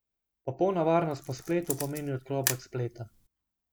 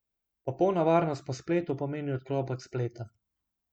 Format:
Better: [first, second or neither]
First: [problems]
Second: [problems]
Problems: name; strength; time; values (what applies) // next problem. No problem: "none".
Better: second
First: background sound (Camera); 8 dB below the speech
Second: none